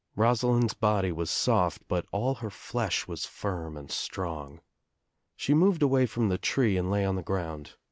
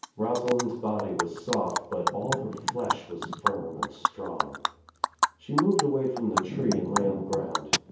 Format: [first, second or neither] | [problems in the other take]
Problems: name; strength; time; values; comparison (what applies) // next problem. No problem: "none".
first | background sound (Animal); 1 dB below the speech // room echo; dies away in 0.7 s